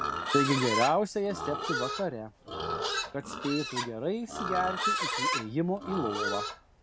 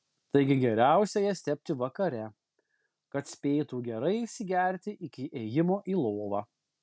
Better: second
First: background sound (Livestock, farm animals, working animals); 1 dB below the speech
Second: none

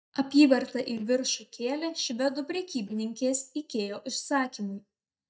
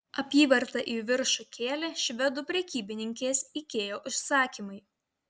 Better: second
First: noise reduction (neural mask model DeepFilterNet 3)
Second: none

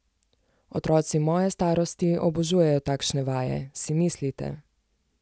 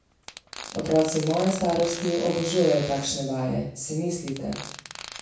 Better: first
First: none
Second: background sound (Fart); 14 dB below the speech // room echo; dies away in 0.6 s

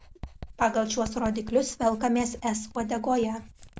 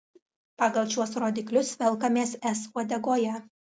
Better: second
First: background sound (Writing); 16 dB below the speech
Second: none

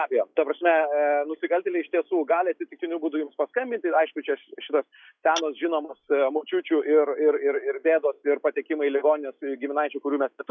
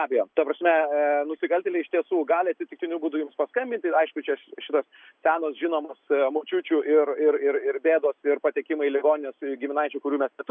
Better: second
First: noise reduction (classical method log-MMSE)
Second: none

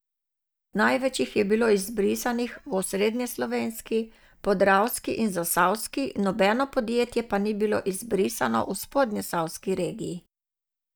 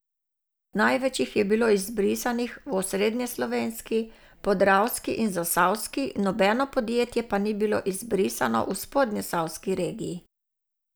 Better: second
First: noise reduction (neural mask model DeepFilterNet 3)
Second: none

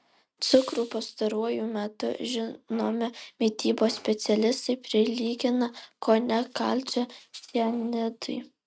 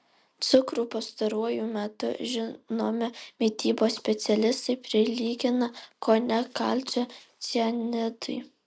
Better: second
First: noise reduction (neural mask model RNNoise)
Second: none

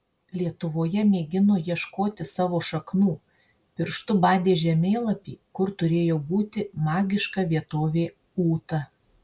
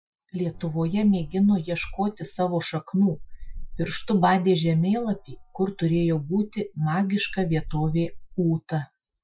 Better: first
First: none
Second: noise reduction (classical method Wiener filter)

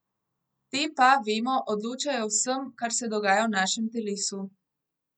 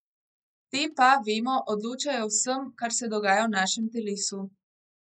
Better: first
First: none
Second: noise reduction (neural mask model Resemble Enhance denoiser)

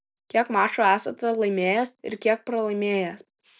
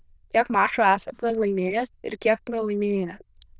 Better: first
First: none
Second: noise reduction (neural diffusion model UNIVERSE++)

